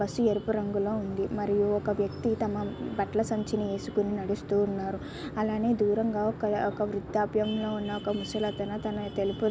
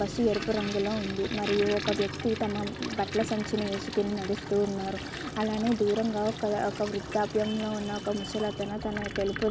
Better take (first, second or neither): first